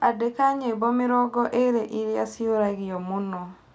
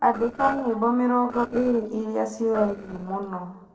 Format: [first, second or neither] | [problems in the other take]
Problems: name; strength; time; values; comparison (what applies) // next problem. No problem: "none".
first | noise reduction (neural separator model SepFormer DNS4)